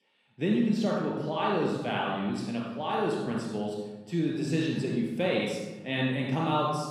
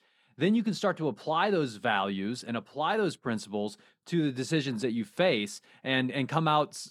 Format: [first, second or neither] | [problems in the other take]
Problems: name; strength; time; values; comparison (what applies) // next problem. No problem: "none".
second | off-mic speech; somewhat distant // room echo; strong; dies away in 1.1 s